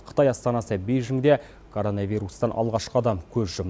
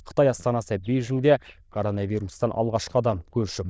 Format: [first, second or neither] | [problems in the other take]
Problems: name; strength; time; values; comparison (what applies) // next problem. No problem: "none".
first | noise reduction (neural diffusion model UNIVERSE++)